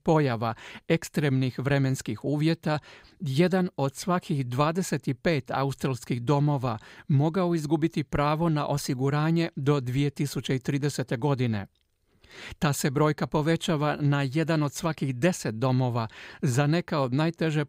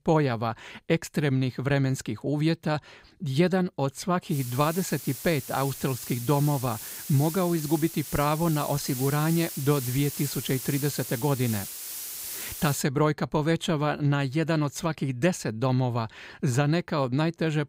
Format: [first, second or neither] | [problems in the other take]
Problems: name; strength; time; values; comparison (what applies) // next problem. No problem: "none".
first | hiss; loud; from 4.5 to 13 s; 9 dB below the speech